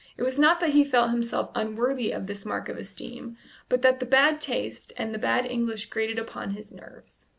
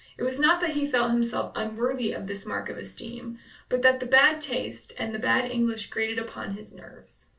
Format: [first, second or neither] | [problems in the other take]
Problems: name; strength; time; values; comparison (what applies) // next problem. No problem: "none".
first | room echo; dies away in 0.2 s